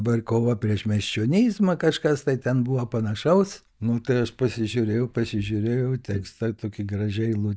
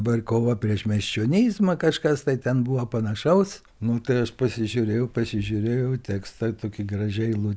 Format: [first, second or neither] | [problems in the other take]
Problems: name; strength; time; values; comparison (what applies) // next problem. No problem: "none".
second | noise reduction (neural mask model DeepFilterNet 3)